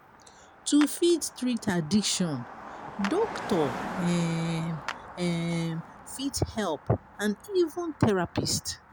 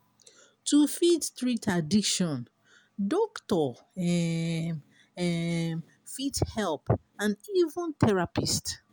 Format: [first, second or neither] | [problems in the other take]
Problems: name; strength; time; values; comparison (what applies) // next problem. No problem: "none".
second | background sound (Car passing by + Clapping); 12 dB below the speech